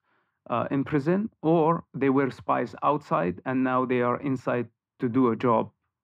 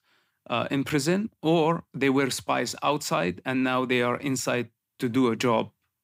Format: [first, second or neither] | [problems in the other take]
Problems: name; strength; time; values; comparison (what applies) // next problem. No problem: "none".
second | muffled; very; fading above 3.5 kHz